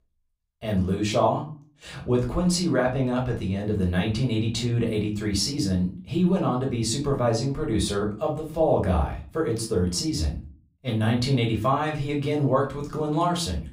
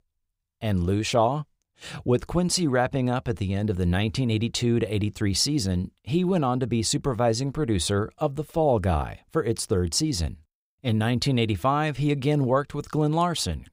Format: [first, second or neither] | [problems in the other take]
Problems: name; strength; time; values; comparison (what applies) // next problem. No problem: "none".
second | off-mic speech; far // room echo; slight; dies away in 0.3 s